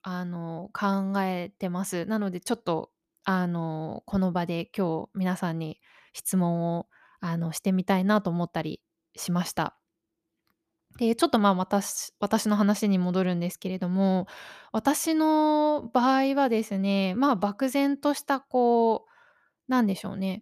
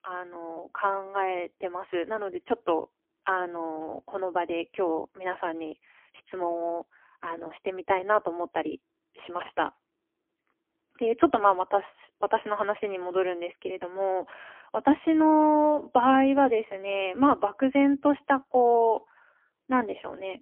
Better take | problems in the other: first | phone-call audio; poor line; nothing above 3.5 kHz

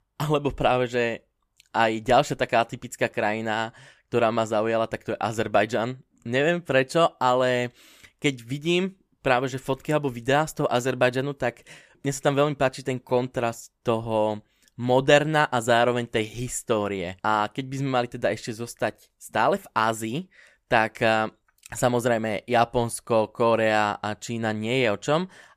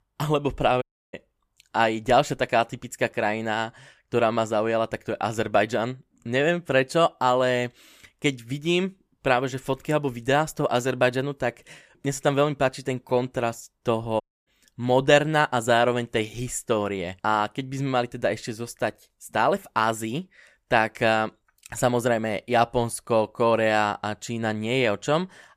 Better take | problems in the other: first | audio cutting out; at 1 s and at 14 s

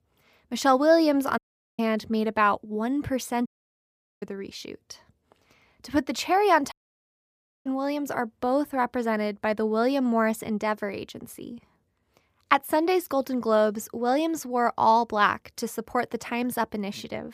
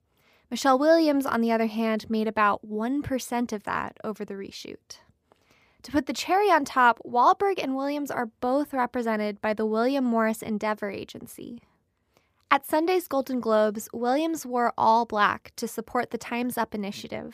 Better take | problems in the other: second | audio cutting out; at 1.5 s, at 3.5 s for 1 s and at 6.5 s for 1 s

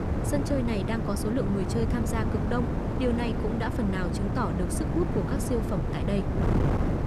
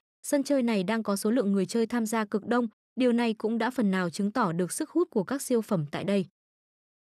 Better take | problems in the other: second | wind noise on the microphone; heavy; 2 dB below the speech

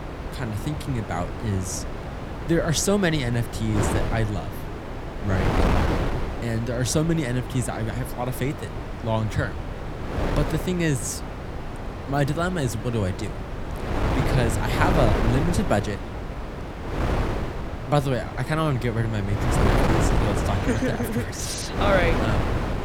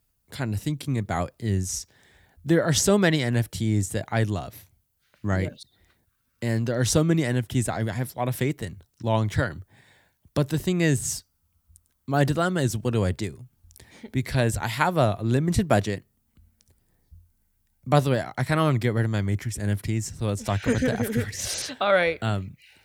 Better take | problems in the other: second | wind noise on the microphone; heavy; 3 dB below the speech

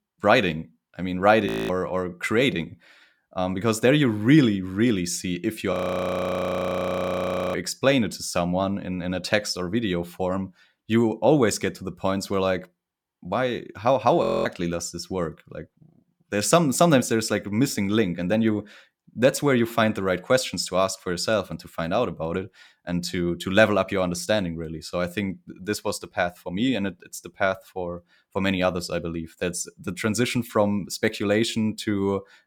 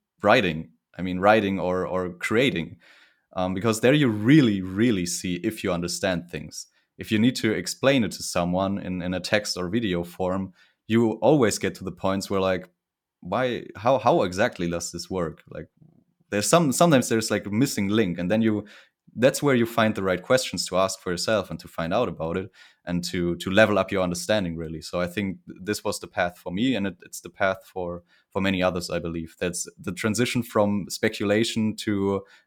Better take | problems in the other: second | audio freezing; at 1.5 s, at 5.5 s for 2 s and at 14 s

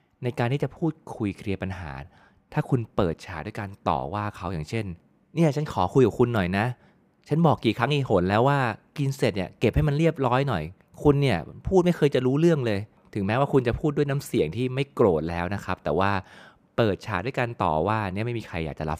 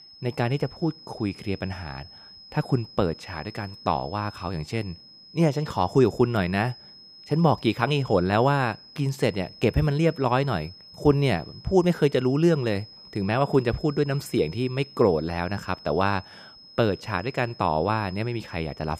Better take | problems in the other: first | high-pitched whine; noticeable; throughout; 5 kHz, 20 dB below the speech

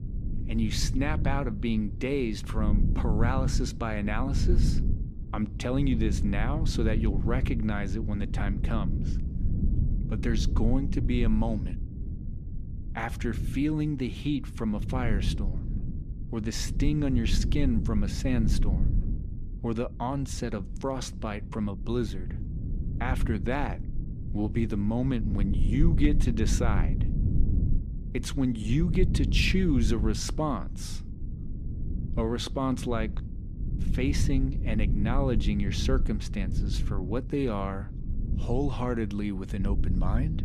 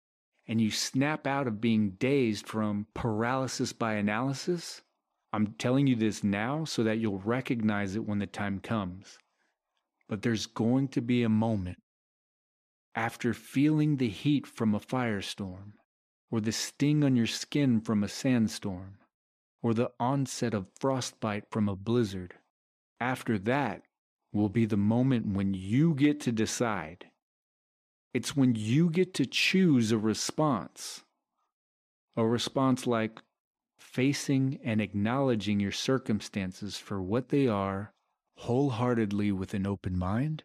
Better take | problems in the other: second | low rumble; noticeable; throughout; 10 dB below the speech

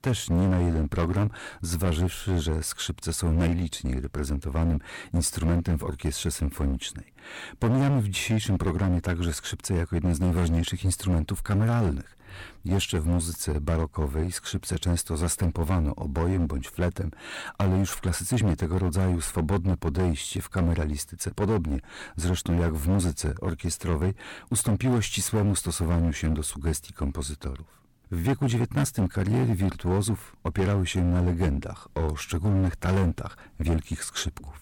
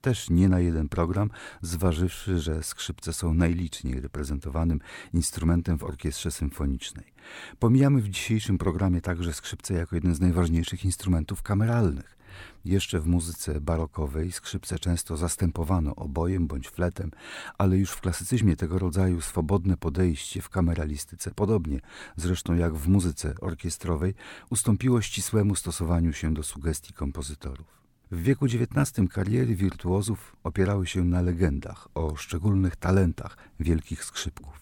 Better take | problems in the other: second | distortion; slight; 12% of the sound clipped

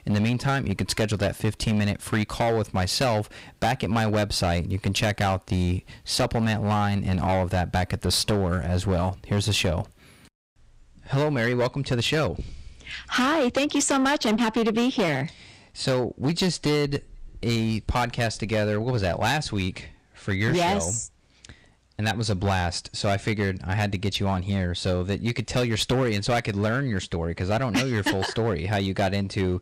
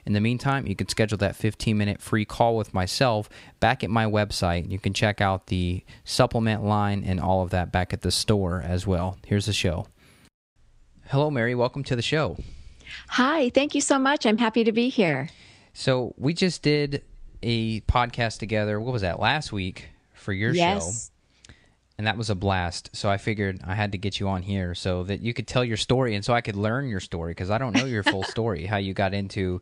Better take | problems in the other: second | distortion; heavy; 11% of the sound clipped

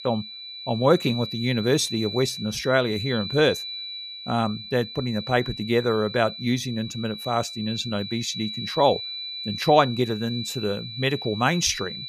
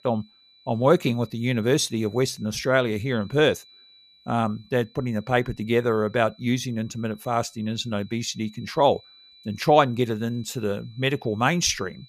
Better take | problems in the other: second | high-pitched whine; loud; throughout; 4 kHz, 8 dB below the speech; faint in the second

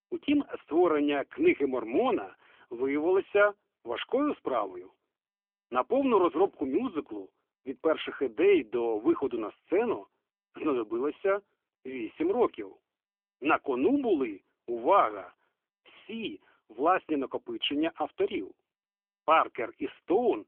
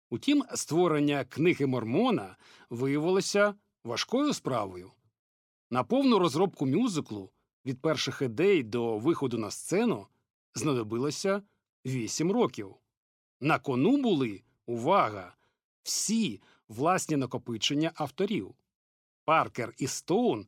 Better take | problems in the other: second | phone-call audio; poor line; nothing above 3.5 kHz

